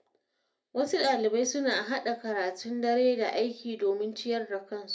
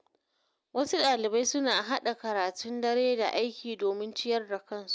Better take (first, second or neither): second